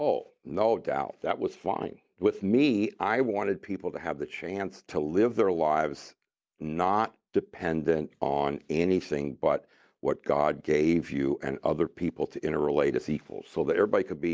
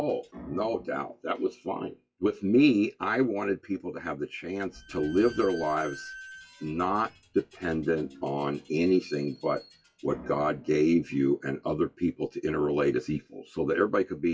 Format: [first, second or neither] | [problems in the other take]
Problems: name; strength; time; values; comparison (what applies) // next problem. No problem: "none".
first | noise reduction (classical method WPE with log-MMSE)